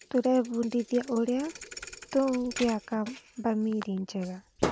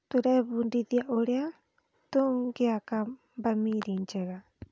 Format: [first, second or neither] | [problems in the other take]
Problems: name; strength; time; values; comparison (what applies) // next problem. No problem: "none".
second | background sound (Thump, thud); 11 dB below the speech